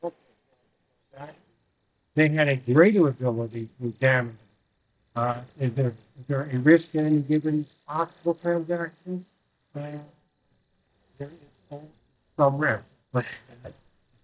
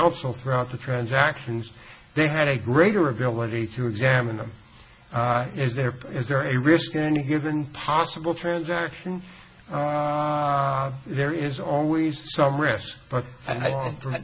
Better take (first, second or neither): second